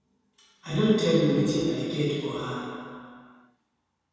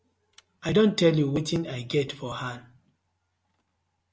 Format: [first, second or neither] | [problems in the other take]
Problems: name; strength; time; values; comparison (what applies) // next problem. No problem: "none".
second | room echo; dies away in 2.1 s